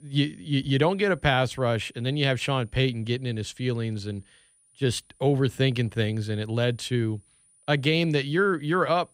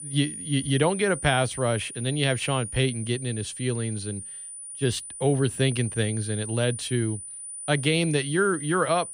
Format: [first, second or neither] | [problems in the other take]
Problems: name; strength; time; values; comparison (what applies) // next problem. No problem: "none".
first | high-pitched whine; loud; throughout; 9.5 kHz, 9 dB below the speech; faint in the first